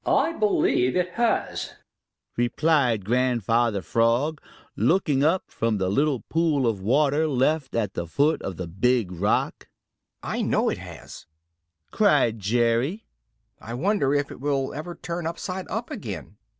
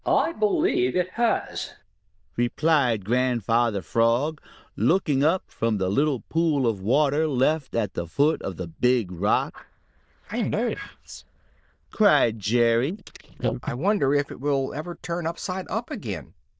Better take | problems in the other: first | noise reduction (neural diffusion model UNIVERSE++)

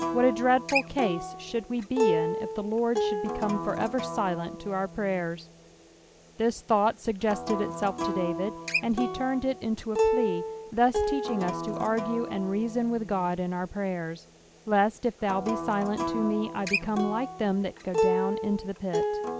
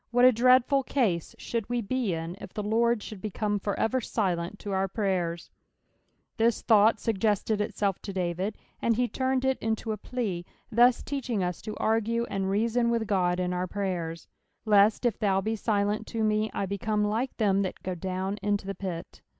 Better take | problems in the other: second | background sound (Acoustic guitar); 3 dB below the speech

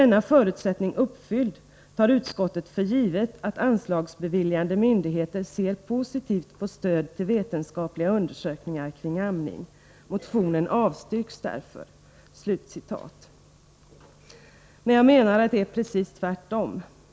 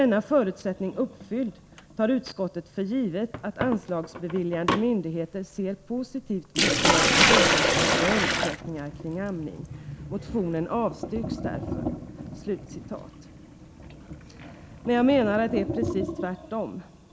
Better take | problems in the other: first | background sound (Sink (filling or washing)); 1 dB below the speech

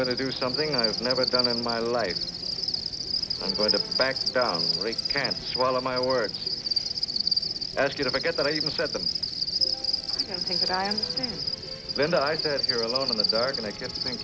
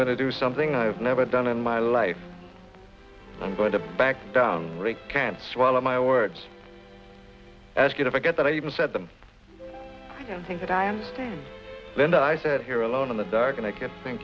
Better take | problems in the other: second | background sound (Cricket); as loud as the speech

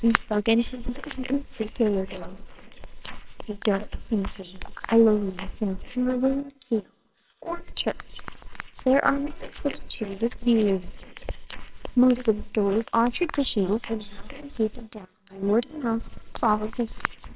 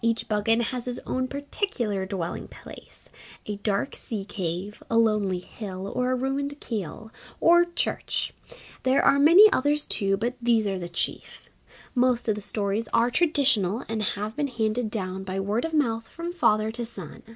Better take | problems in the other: second | noise reduction (neural separator model SepFormer WHAMR!)

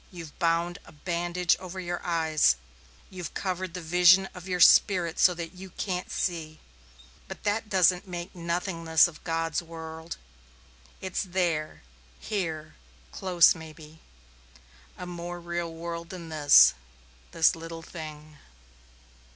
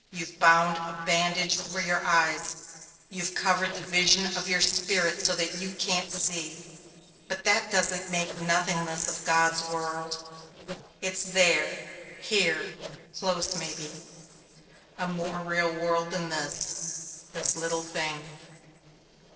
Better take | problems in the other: first | noise reduction (neural separator model SepFormer DNS4)

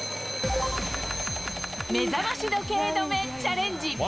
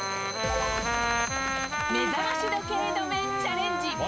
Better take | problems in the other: first | background sound (Trumpet); 1 dB above the speech

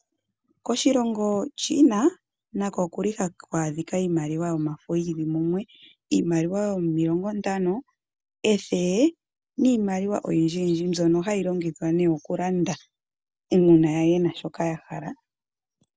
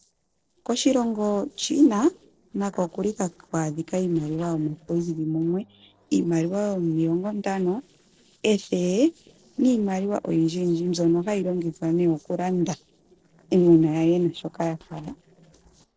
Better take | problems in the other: first | noise reduction (neural separator model SepFormer DNS4)

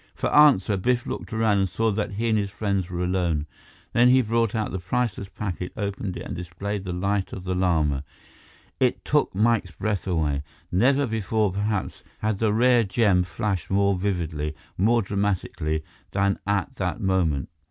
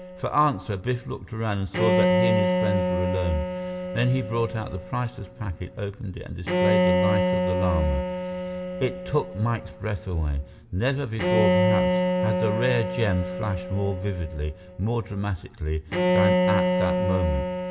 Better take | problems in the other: first | background sound (Bowed string instrument); 1 dB above the speech // room echo; dies away in 2.1 s

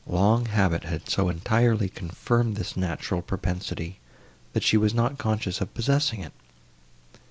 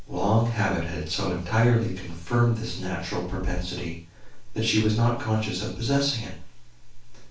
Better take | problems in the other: first | room echo; dies away in 0.3 s

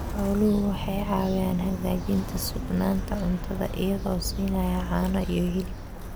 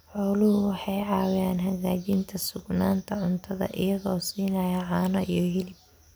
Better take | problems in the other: second | background sound (Walk, footsteps); 5 dB below the speech

